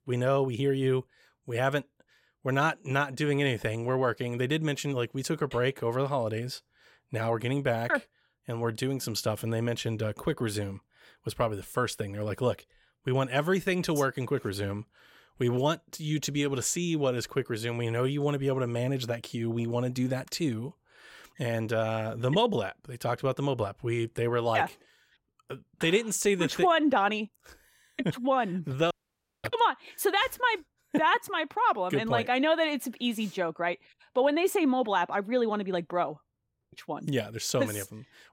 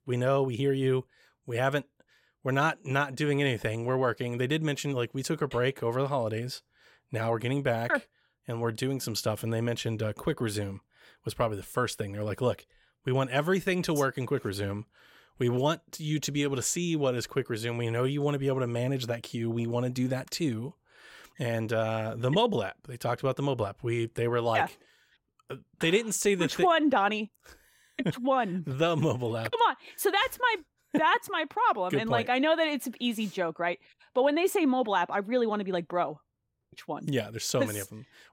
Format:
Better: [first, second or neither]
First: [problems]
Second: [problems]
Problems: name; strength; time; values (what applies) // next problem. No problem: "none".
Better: second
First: audio cutting out; at 29 s for 0.5 s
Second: none